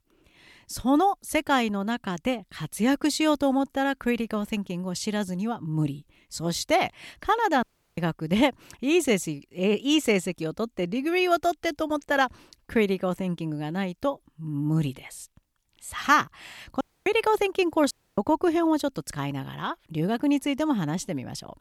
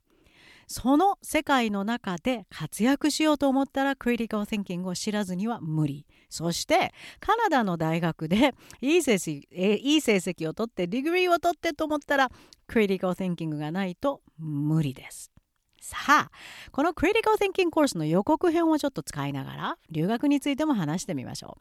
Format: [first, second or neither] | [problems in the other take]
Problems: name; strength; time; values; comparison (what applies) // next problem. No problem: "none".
second | audio cutting out; at 7.5 s, at 17 s and at 18 s